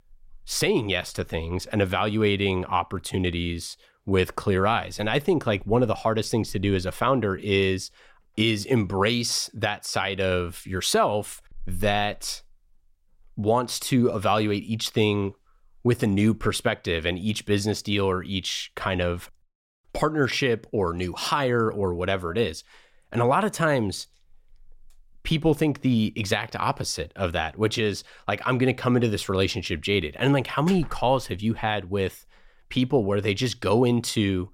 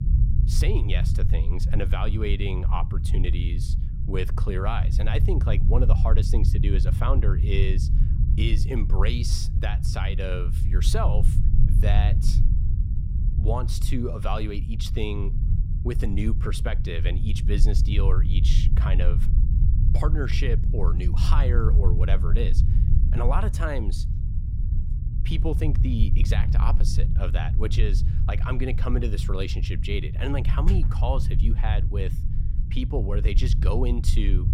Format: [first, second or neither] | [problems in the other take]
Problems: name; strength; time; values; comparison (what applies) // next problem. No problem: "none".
first | low rumble; loud; throughout; 7 dB below the speech